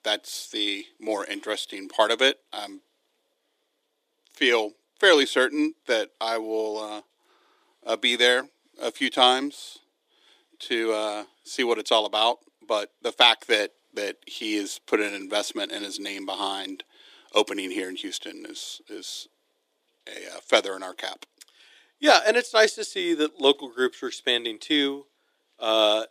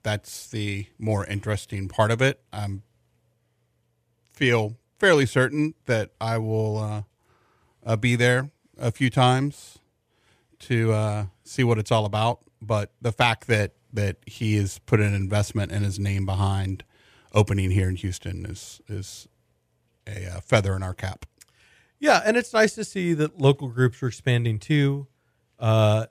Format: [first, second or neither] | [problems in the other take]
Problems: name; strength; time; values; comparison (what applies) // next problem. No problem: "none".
second | thin; somewhat; fading below 300 Hz